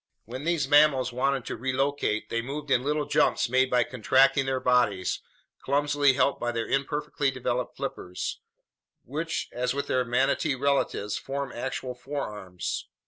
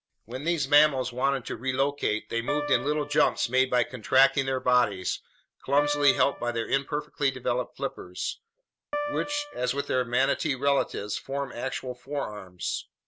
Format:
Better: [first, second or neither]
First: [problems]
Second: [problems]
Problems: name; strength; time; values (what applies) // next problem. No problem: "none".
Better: first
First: none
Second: background sound (Piano); 9 dB below the speech